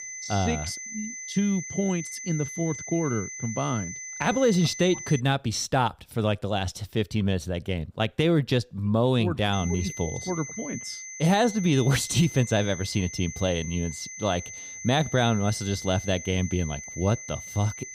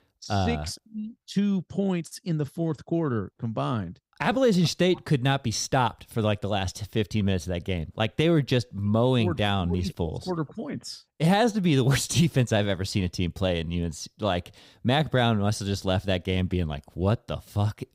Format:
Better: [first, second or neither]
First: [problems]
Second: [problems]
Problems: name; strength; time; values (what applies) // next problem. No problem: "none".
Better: second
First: high-pitched whine; loud; until 5 s and from 9.5 s on; 6 kHz, 10 dB below the speech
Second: none